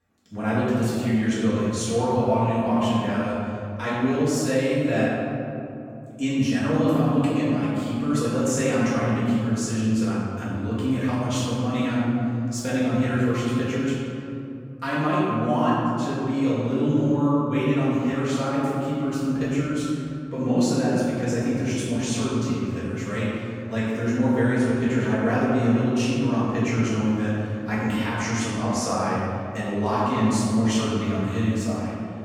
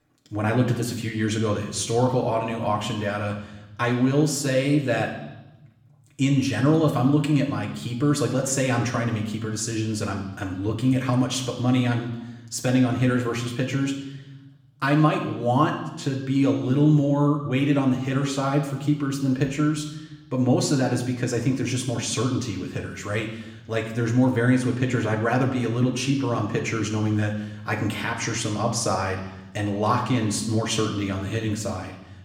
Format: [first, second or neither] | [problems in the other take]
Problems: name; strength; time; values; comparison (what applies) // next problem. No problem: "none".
second | room echo; strong; dies away in 2.8 s; slight in the second // off-mic speech; far; far in the second